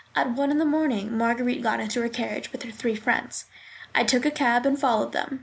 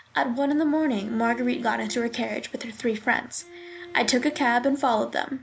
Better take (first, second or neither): first